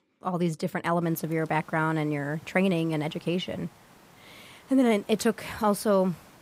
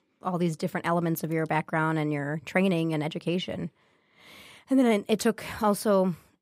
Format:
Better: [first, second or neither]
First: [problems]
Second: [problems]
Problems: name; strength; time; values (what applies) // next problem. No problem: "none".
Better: second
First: hiss; faint; from 1 s on; 25 dB below the speech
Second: none